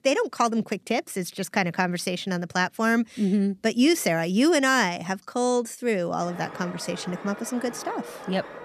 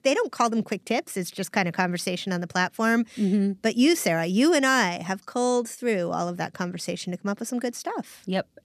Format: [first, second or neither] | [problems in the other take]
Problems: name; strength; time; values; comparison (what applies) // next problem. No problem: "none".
second | alarm; faint; from 6 s on; peak 15 dB below the speech